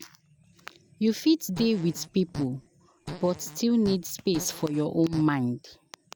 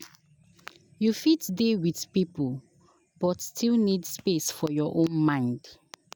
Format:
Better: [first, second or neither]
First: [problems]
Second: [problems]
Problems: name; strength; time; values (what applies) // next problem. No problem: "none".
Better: second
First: background sound (Fart); 14 dB below the speech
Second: none